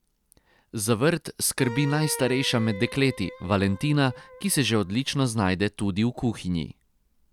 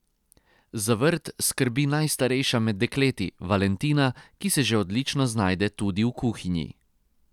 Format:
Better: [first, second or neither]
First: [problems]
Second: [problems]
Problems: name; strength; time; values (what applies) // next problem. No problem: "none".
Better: second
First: background sound (Wind instrument, woodwind instrument); 15 dB below the speech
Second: none